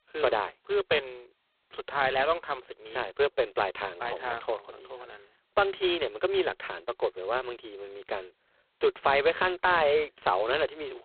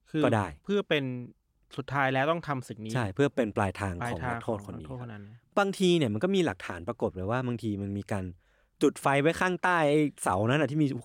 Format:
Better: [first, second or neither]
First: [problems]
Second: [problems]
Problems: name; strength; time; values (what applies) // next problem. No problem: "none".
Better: second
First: phone-call audio; poor line; nothing above 4 kHz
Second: none